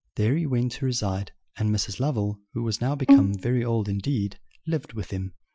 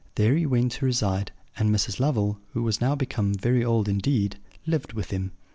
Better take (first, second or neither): second